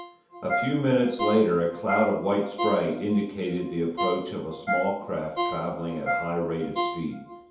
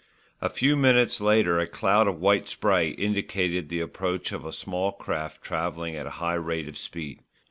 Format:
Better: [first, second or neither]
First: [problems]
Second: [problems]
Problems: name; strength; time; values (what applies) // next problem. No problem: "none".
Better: second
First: background sound (Ringtone); 5 dB below the speech // room echo; dies away in 0.8 s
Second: none